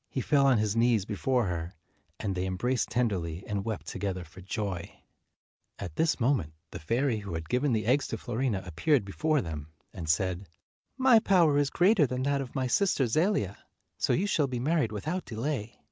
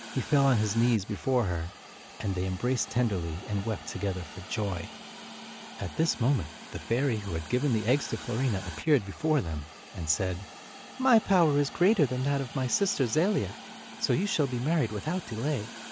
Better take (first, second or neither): first